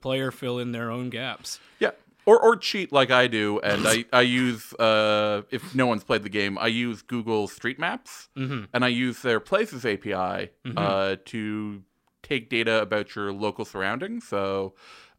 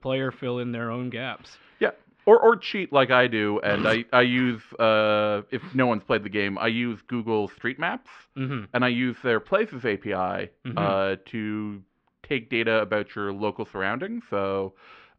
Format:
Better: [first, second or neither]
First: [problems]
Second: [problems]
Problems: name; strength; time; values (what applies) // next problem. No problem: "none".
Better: first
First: none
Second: muffled; slightly; fading above 3 kHz